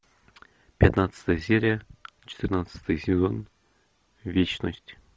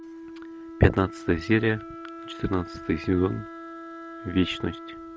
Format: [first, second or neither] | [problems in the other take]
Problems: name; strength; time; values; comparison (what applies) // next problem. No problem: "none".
first | background sound (Wind instrument, woodwind instrument); 13 dB below the speech